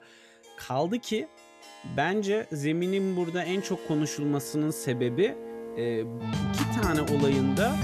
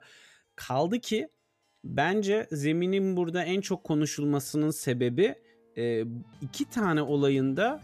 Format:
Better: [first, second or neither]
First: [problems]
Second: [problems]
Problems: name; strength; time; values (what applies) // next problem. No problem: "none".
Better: second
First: background music; loud; throughout; 5 dB below the speech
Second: background music; faint; throughout; 30 dB below the speech